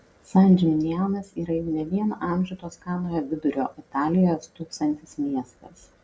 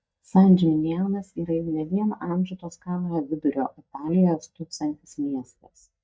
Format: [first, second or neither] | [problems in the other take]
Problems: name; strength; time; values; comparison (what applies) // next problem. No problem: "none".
first | noise reduction (neural mask model DeepFilterNet 3)